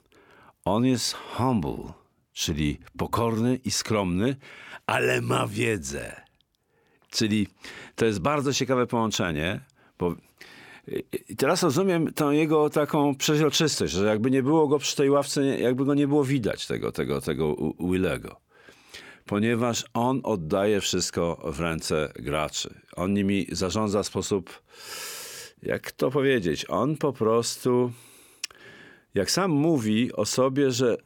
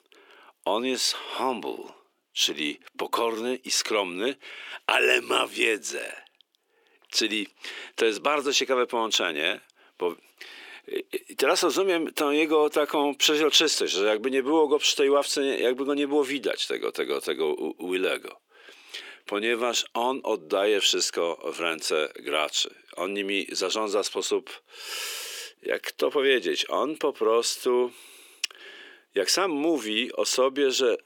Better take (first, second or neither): first